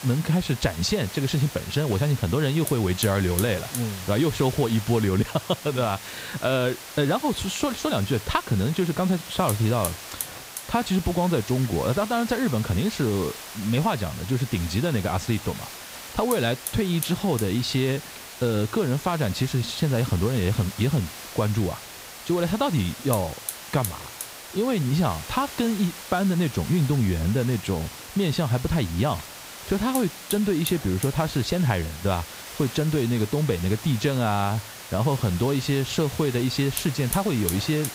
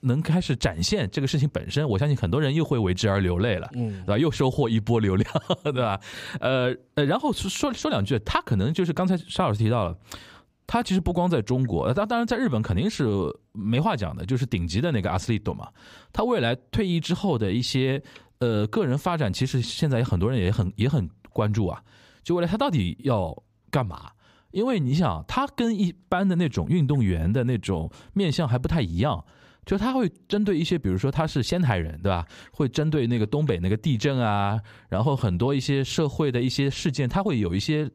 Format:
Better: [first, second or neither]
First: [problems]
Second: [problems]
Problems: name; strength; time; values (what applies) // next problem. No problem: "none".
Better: second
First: hiss; noticeable; throughout; 10 dB below the speech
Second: none